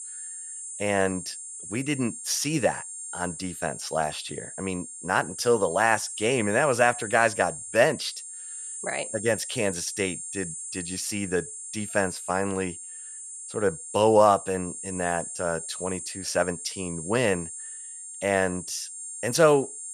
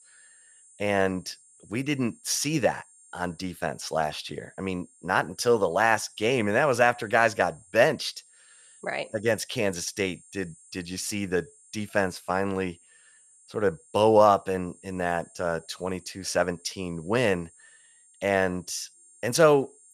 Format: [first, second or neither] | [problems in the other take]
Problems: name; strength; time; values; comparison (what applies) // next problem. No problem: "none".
second | high-pitched whine; loud; throughout; 9 kHz, 9 dB below the speech; faint in the second